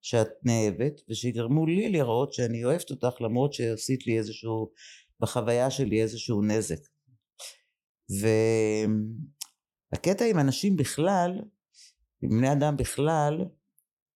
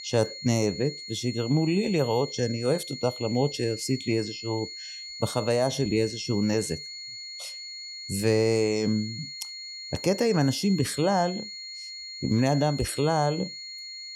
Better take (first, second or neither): first